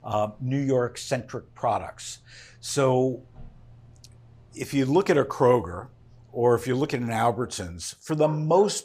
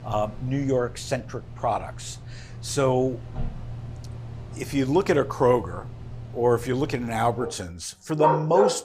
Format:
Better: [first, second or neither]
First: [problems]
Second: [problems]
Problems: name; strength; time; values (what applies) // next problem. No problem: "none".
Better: first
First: animal sounds; faint; throughout; 25 dB below the speech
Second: animal sounds; loud; throughout; 9 dB below the speech